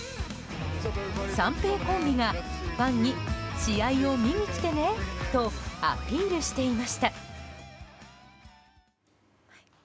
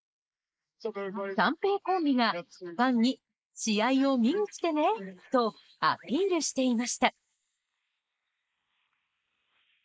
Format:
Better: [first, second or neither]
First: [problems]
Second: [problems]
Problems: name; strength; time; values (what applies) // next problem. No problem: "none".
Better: first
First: none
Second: noise reduction (neural mask model Resemble Enhance denoiser)